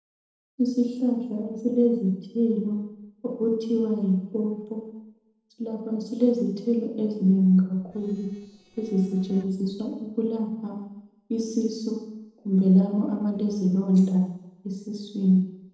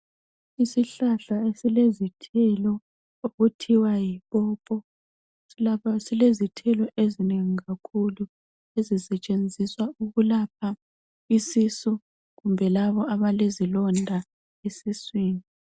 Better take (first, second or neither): second